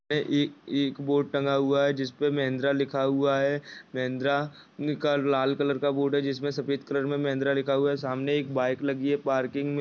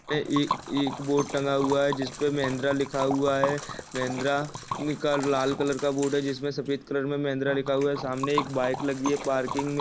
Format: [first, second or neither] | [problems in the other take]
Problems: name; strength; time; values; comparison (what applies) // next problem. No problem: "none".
first | background sound (Liquid); 9 dB below the speech